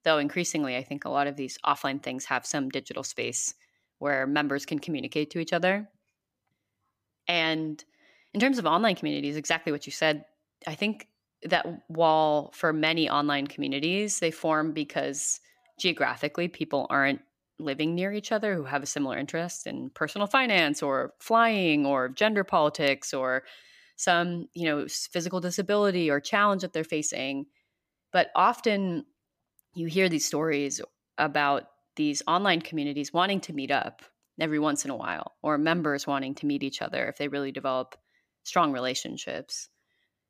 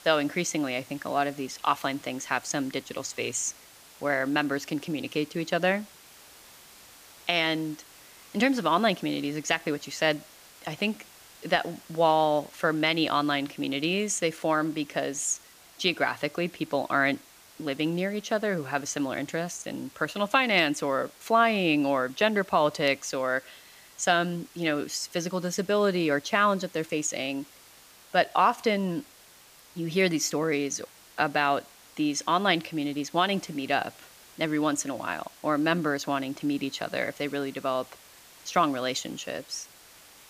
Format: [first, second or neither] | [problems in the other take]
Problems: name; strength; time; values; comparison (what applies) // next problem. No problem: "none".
first | hiss; faint; throughout; 25 dB below the speech